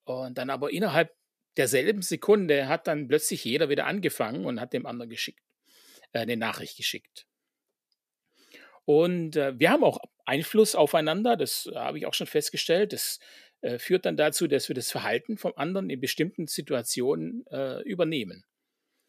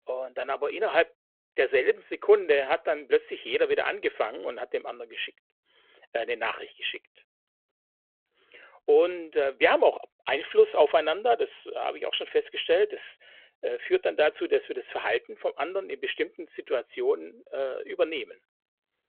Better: first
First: none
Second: phone-call audio

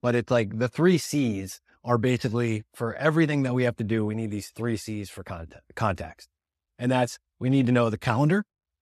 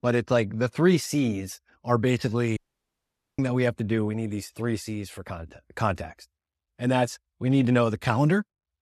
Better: first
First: none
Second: audio cutting out; at 2.5 s for 1 s

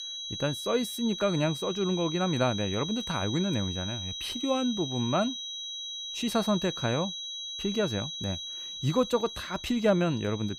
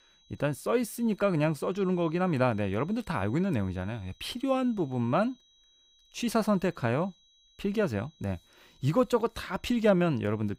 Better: second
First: high-pitched whine; loud; throughout; 4 kHz, 6 dB below the speech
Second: high-pitched whine; faint; throughout; 4 kHz, 30 dB below the speech

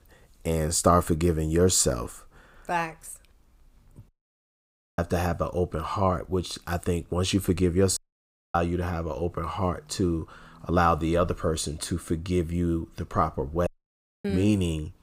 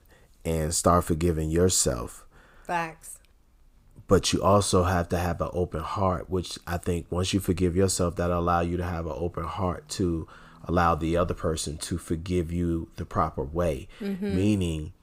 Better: second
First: audio cutting out; at 4 s for 1 s, at 8 s for 0.5 s and at 14 s for 0.5 s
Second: none

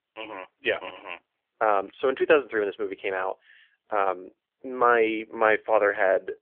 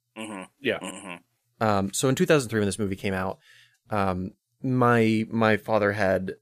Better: second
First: phone-call audio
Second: none

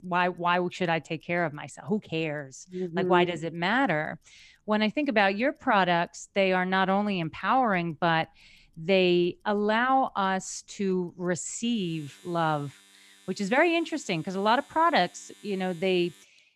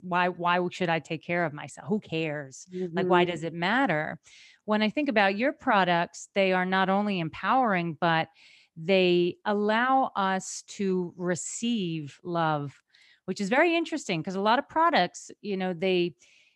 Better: second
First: household noises; faint; throughout; 30 dB below the speech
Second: none

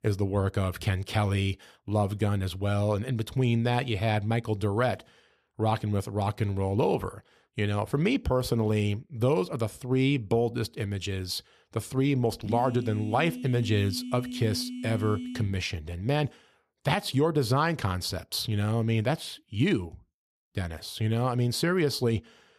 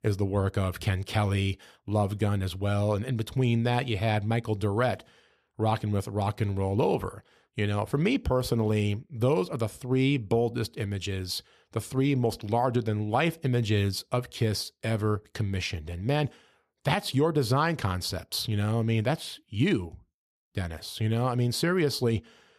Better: second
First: phone ringing; noticeable; from 12 to 16 s; peak 8 dB below the speech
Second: none

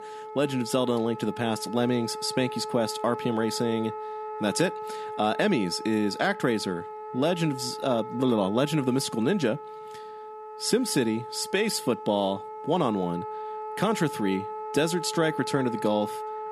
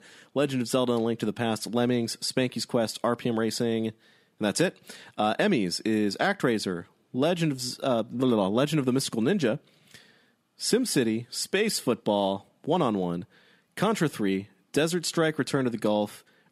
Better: second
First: background music; loud; throughout; 10 dB below the speech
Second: none

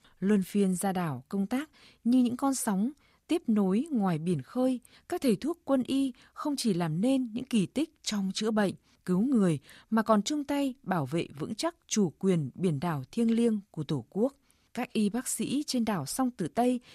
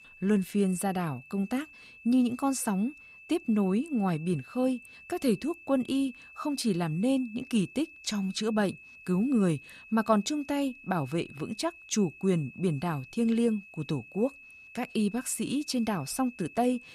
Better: first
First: none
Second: high-pitched whine; noticeable; throughout; 2.5 kHz, 20 dB below the speech

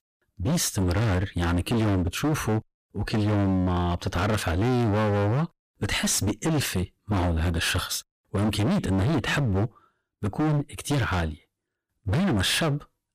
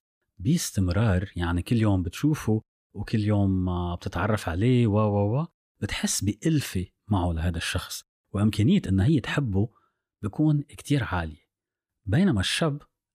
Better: second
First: distortion; heavy; 30% of the sound clipped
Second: none

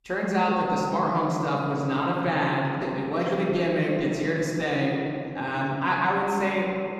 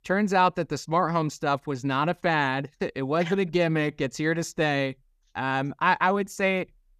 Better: second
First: room echo; noticeable; dies away in 2.7 s // off-mic speech; far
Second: none

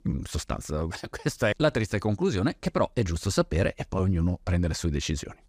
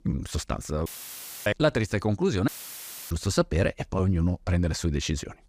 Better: first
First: none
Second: audio cutting out; filled with static; at 1 s for 0.5 s and at 2.5 s for 0.5 s

